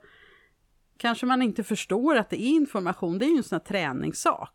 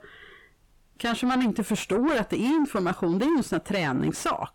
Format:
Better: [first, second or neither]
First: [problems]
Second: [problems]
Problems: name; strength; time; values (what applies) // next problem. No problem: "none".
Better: first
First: none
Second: distortion; heavy; 7 dB below the speech